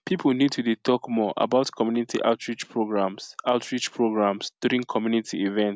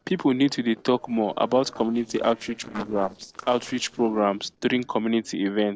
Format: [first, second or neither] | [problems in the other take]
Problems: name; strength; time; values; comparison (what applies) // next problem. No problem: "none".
first | noise reduction (neural separator model SepFormer DNS4)